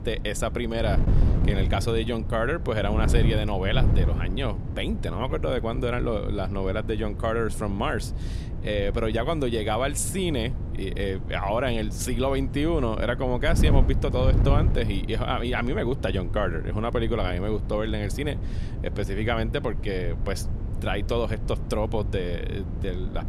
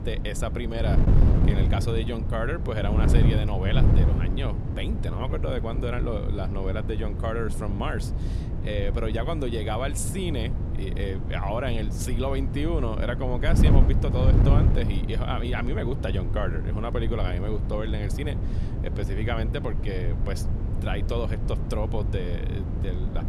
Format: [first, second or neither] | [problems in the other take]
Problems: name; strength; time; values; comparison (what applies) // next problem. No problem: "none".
first | wind noise on the microphone; heavy; 5 dB below the speech; occasional gusts in the first